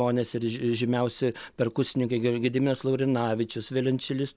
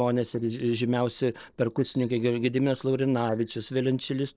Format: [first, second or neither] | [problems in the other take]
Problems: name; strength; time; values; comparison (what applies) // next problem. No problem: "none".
first | noise reduction (neural separator model SepFormer DNS4)